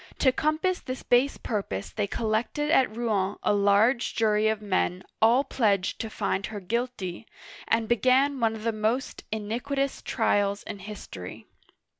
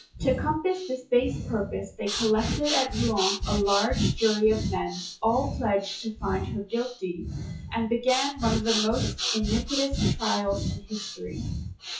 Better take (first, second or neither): first